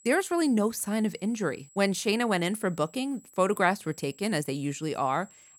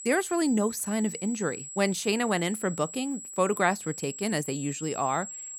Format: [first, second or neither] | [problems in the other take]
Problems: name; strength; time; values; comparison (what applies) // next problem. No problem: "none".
first | high-pitched whine; loud; throughout; 7.5 kHz, 10 dB below the speech; faint in the first